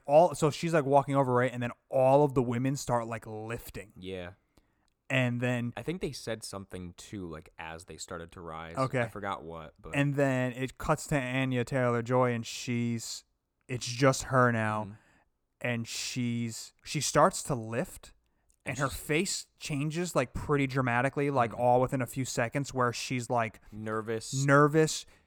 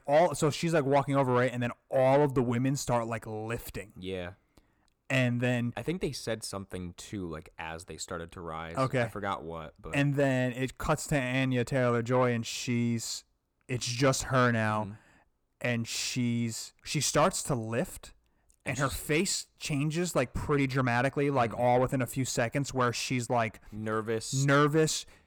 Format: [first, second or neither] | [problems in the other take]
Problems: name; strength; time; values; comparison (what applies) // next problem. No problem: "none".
first | distortion; slight; 10 dB below the speech